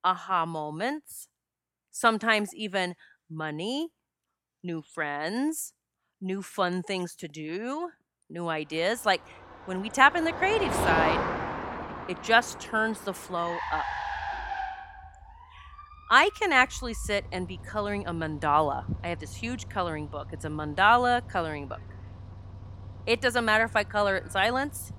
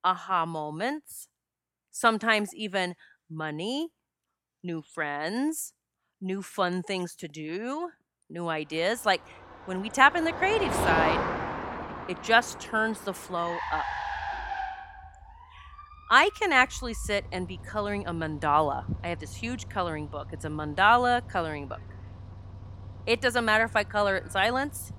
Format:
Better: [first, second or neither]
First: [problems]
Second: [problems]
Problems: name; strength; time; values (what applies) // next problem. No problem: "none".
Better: neither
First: traffic noise; loud; from 8.5 s on; 9 dB below the speech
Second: traffic noise; loud; from 8.5 s on; 9 dB below the speech